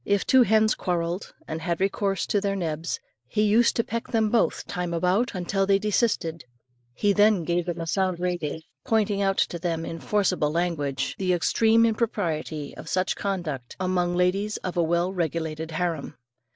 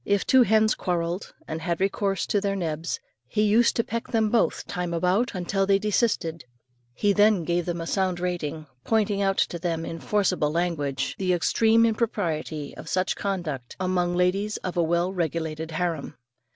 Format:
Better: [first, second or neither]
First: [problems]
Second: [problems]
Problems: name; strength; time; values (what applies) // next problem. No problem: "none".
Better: second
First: noise reduction (neural mask model Resemble Enhance denoiser)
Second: none